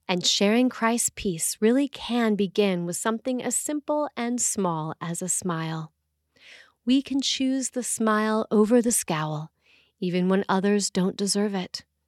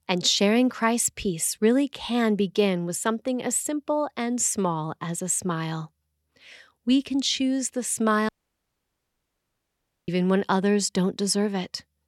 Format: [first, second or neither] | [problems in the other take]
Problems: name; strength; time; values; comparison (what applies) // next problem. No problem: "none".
first | audio cutting out; at 8.5 s for 2 s